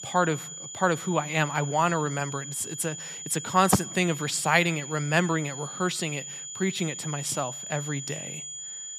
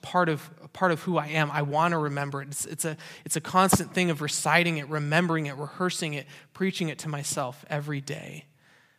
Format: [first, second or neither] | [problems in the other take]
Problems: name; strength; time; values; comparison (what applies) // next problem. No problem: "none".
second | high-pitched whine; loud; throughout; 7 kHz, 9 dB below the speech